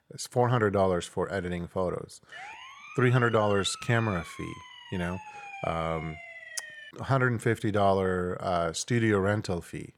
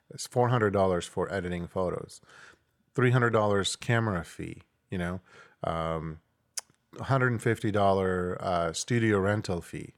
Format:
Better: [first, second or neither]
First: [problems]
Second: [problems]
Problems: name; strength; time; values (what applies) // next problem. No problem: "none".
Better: second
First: siren; faint; from 2.5 to 7 s; peak 15 dB below the speech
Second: none